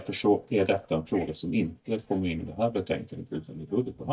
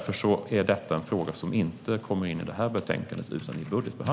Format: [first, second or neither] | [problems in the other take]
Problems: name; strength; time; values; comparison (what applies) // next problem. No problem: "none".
second | noise reduction (neural mask model DeepFilterNet 3)